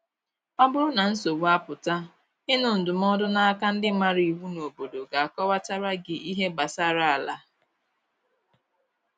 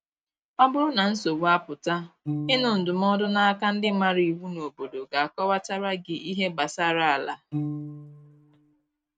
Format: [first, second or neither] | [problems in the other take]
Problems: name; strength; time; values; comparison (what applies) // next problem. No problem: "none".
first | noise reduction (neural mask model RNNoise)